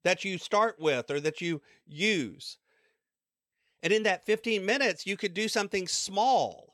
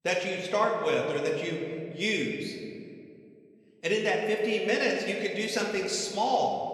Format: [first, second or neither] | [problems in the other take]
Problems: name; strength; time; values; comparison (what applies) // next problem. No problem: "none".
first | room echo; noticeable; dies away in 2 s // off-mic speech; somewhat distant